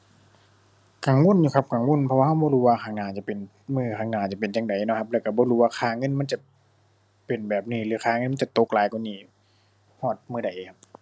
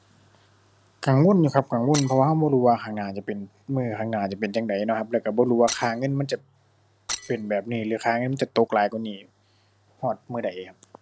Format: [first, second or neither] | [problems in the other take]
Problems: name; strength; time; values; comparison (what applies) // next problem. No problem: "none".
first | background sound (Shatter); 13 dB below the speech